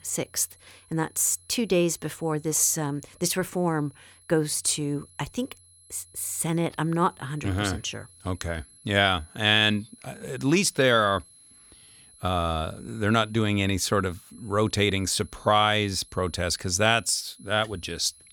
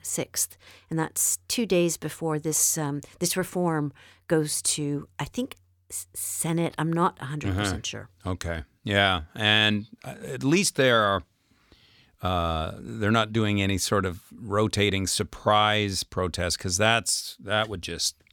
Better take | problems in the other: second | high-pitched whine; faint; throughout; 11 kHz, 25 dB below the speech

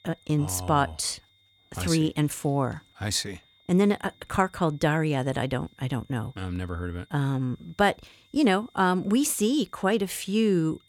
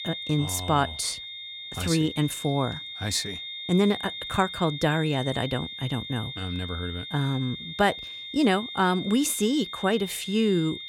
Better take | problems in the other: first | high-pitched whine; loud; throughout; 3.5 kHz, 8 dB below the speech; faint in the first

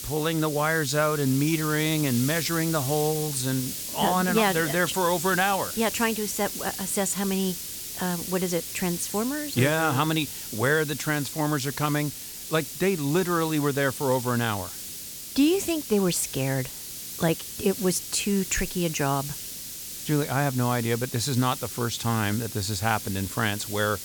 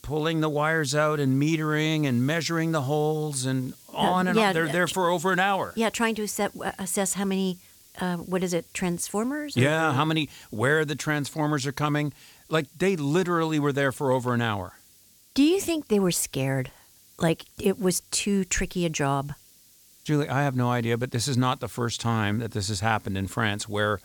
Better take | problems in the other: second | hiss; loud; throughout; 7 dB below the speech; faint in the second

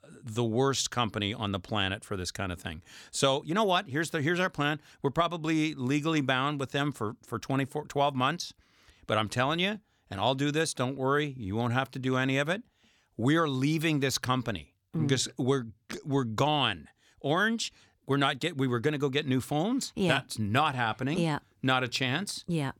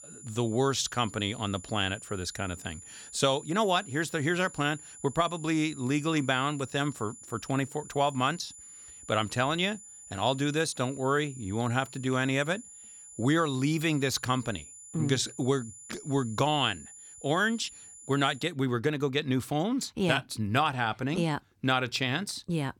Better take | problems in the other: first | high-pitched whine; noticeable; until 18 s; 7 kHz, 15 dB below the speech

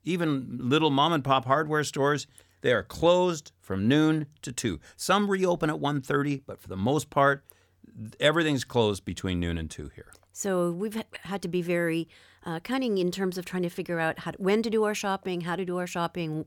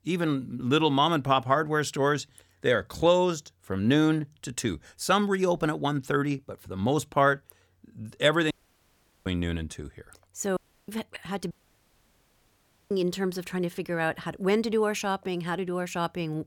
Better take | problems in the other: first | audio cutting out; at 8.5 s for 1 s, at 11 s and at 12 s for 1.5 s

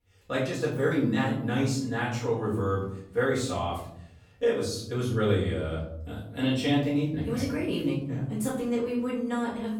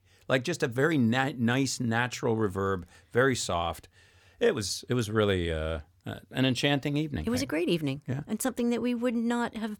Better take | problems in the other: second | off-mic speech; far // room echo; noticeable; dies away in 0.9 s

